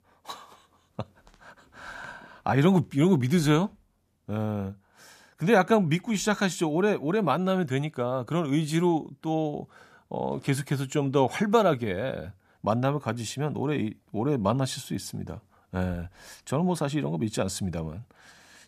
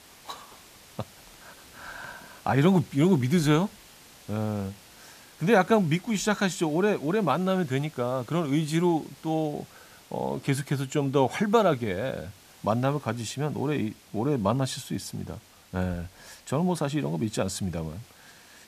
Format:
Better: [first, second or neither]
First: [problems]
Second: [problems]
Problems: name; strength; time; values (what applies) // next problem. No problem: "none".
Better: first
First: none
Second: hiss; faint; throughout; 25 dB below the speech